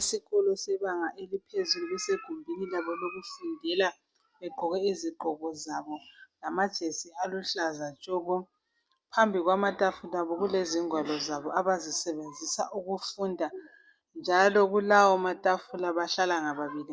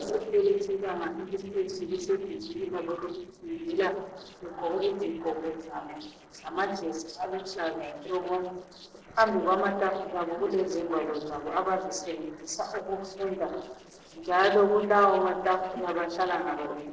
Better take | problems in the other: first | noise reduction (neural separator model SepFormer DNS4)

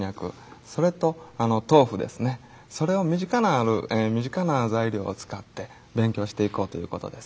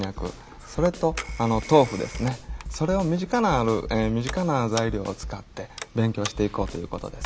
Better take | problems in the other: first | background sound (Snare drum + Telephone); 11 dB below the speech

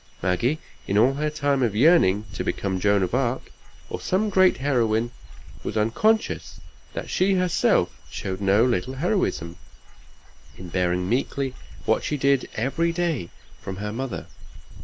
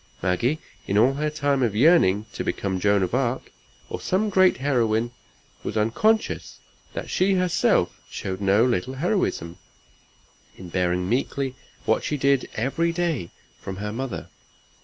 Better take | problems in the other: second | background sound (Bird / Dog); 12 dB below the speech

